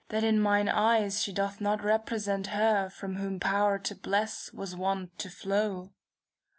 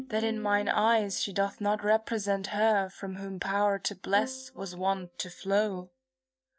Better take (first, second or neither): first